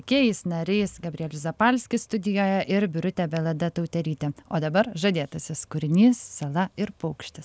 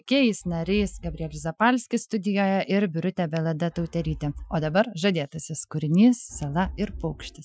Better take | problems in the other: first | noise reduction (classical method Wiener filter)

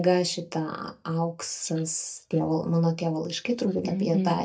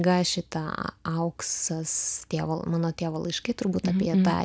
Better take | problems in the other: second | noise reduction (neural mask model DeepFilterNet 3)

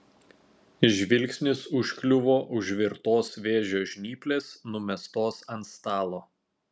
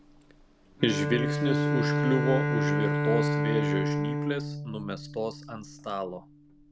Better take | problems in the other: first | background sound (Bowed string instrument); 3 dB above the speech

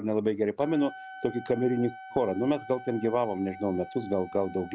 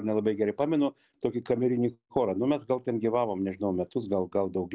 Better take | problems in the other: second | background sound (Wind instrument, woodwind instrument); 16 dB below the speech

